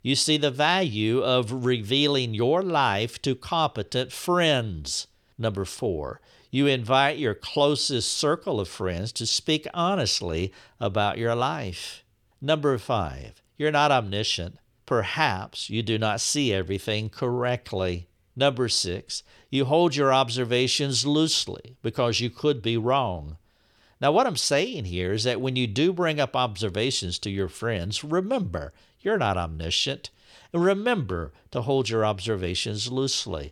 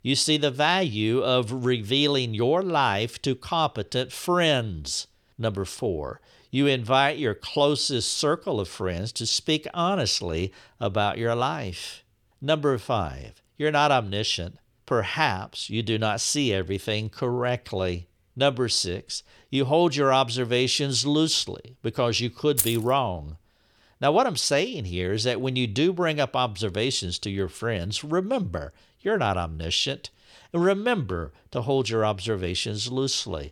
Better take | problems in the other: first | jangling keys; noticeable; at 23 s; peak level with the speech

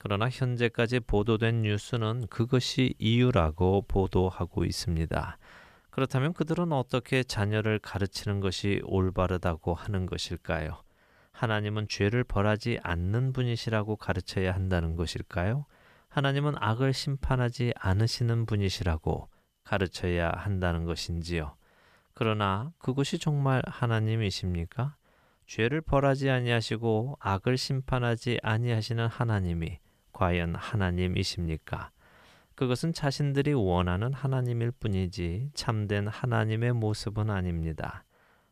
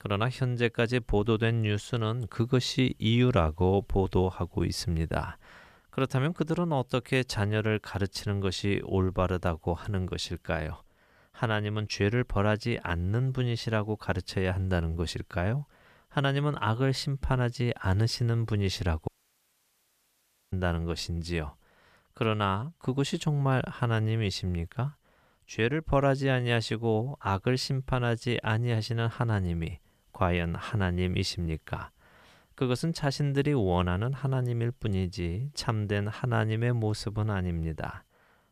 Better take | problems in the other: first | audio cutting out; at 19 s for 1.5 s

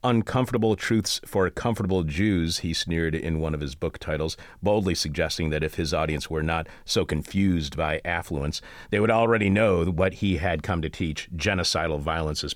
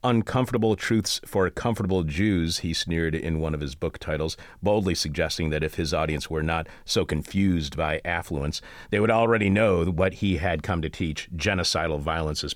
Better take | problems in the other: neither | none

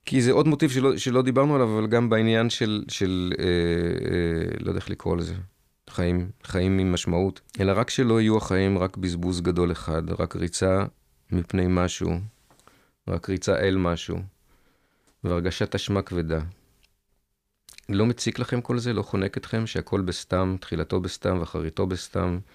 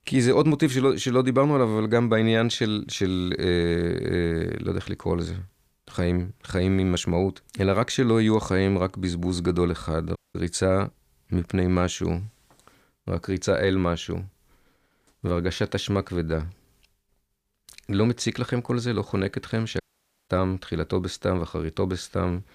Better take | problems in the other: first | audio cutting out; at 10 s and at 20 s

